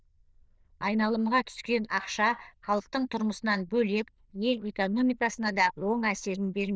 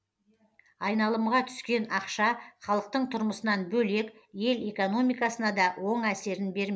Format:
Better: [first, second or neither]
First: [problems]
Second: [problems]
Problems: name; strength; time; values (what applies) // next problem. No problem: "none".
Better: second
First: noise reduction (neural diffusion model UNIVERSE++)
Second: none